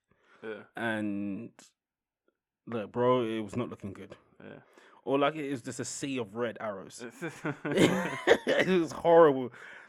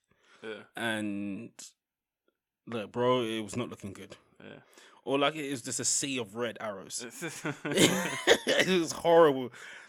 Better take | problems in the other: second | muffled; slightly; fading above 2.5 kHz

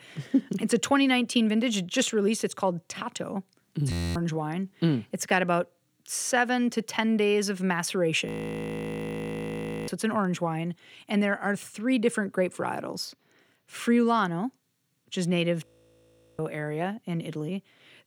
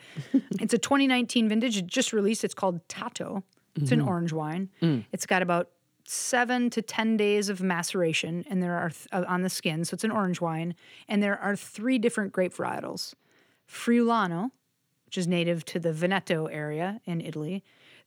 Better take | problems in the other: second | audio freezing; at 4 s, at 8.5 s for 1.5 s and at 16 s for 0.5 s

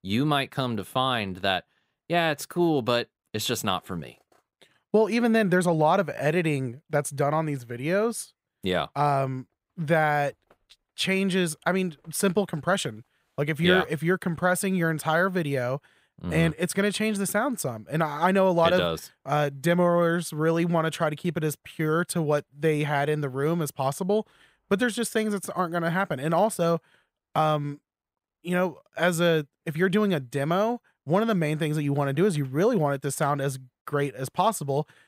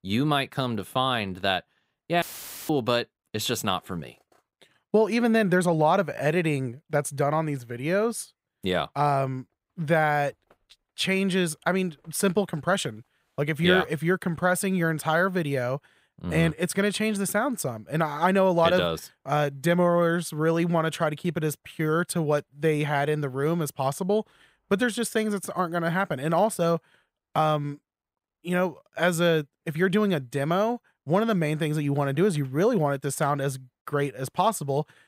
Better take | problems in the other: first | audio cutting out; filled with static; at 2 s

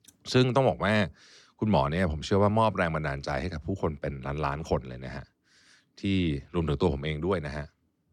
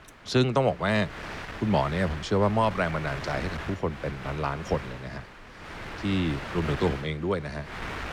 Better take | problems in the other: first | wind noise on the microphone; heavy; 9 dB below the speech

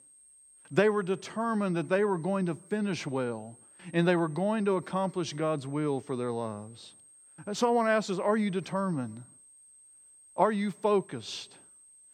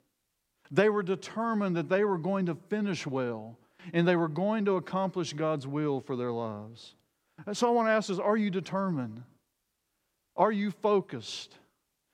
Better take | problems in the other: second | high-pitched whine; faint; throughout; 8.5 kHz, 25 dB below the speech

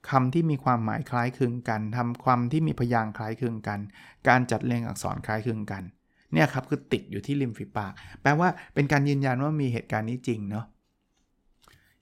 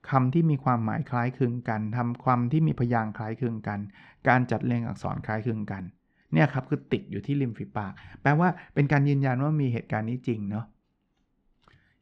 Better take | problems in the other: first | muffled; slightly; fading above 3 kHz

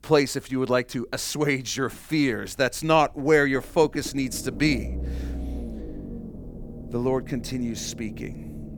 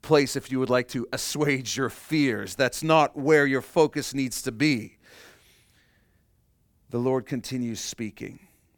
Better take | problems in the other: second | low rumble; noticeable; throughout; 20 dB below the speech

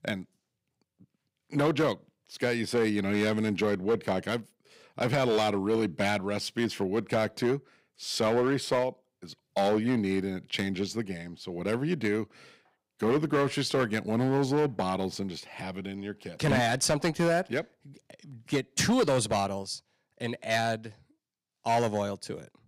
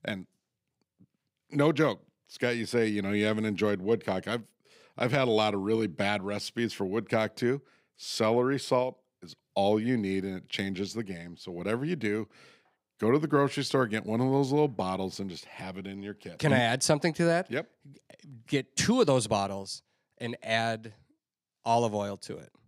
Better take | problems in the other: second | distortion; slight; 5% of the sound clipped

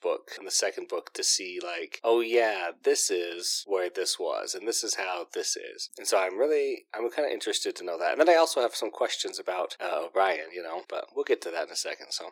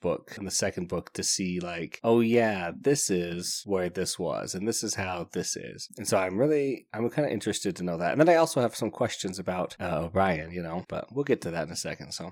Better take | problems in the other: second | thin; very; fading below 350 Hz

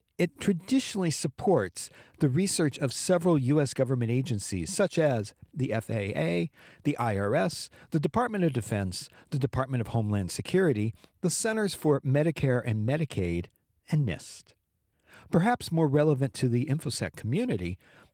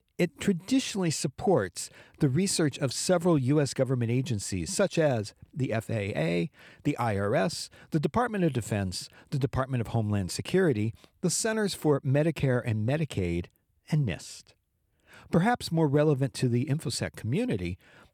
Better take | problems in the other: second | garbled, watery; slightly; nothing above 15.5 kHz

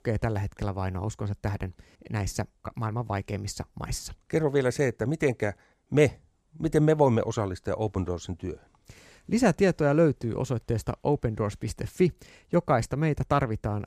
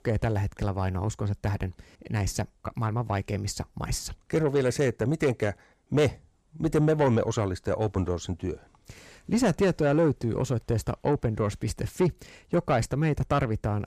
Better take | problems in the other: first | distortion; slight; 10 dB below the speech

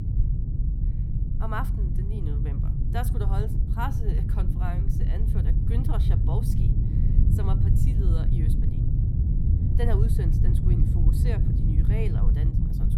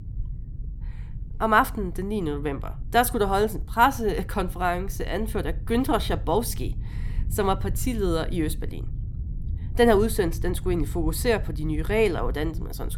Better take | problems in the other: second | low rumble; loud; throughout; as loud as the speech; faint in the second

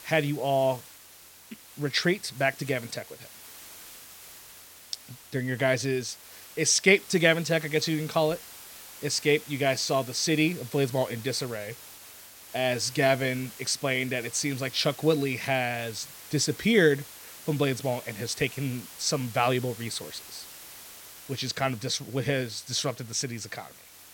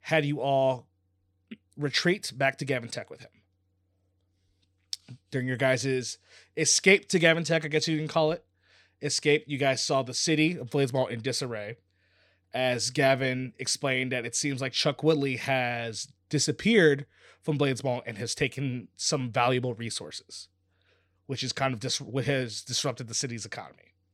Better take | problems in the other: second | hiss; noticeable; throughout; 15 dB below the speech

